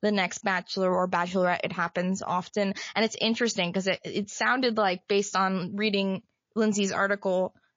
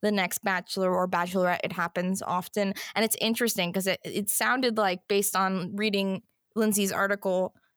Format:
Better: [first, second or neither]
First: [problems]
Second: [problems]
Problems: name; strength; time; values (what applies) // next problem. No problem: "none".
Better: second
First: garbled, watery; slightly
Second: none